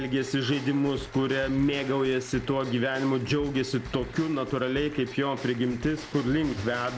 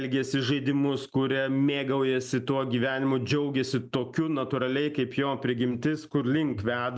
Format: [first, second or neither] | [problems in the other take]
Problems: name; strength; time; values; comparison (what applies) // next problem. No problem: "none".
second | background sound (Applause + Bell / Drum / Drum kit); 15 dB below the speech